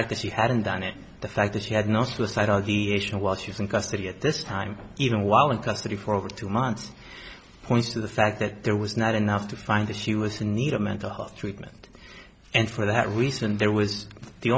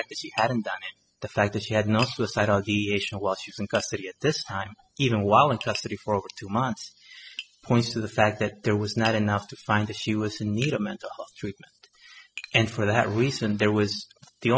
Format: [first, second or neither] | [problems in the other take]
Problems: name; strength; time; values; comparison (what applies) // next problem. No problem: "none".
first | noise reduction (classical method spectral subtraction)